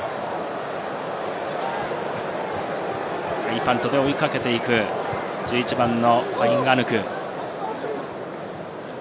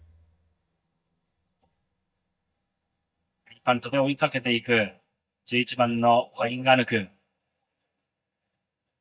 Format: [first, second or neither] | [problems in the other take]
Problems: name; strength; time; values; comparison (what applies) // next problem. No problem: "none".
first | noise reduction (neural mask model DeepFilterNet 3)